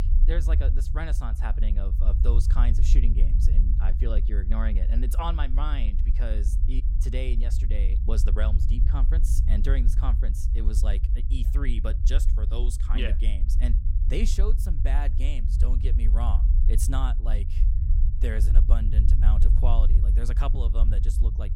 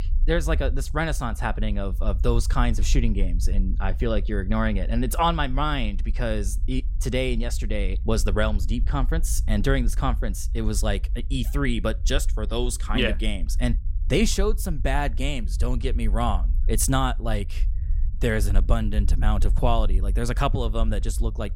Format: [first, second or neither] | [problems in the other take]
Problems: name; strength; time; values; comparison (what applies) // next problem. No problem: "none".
second | low rumble; loud; throughout; 7 dB below the speech; faint in the second